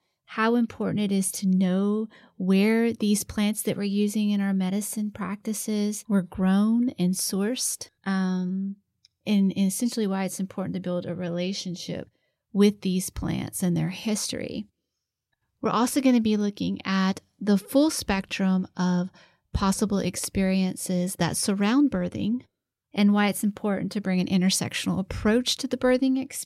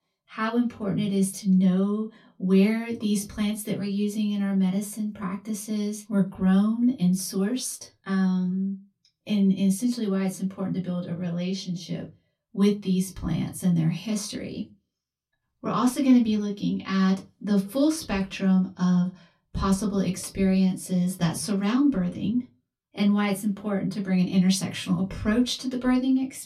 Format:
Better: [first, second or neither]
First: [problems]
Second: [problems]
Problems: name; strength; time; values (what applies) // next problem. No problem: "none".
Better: first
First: none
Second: off-mic speech; far // room echo; very slight; dies away in 0.2 s